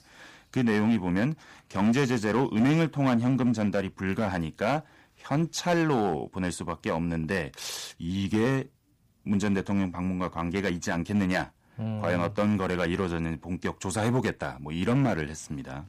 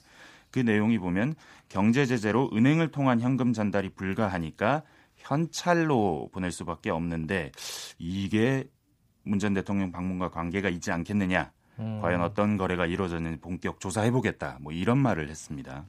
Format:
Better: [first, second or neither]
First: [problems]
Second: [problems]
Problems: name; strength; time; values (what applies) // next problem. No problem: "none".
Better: second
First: distortion; slight; 4% of the sound clipped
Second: none